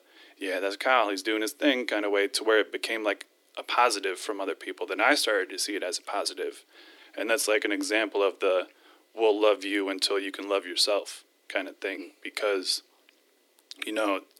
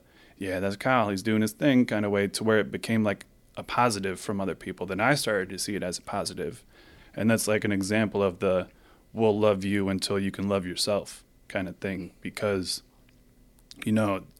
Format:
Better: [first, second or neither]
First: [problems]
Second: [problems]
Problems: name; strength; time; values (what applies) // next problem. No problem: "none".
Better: second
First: thin; somewhat; fading below 300 Hz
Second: none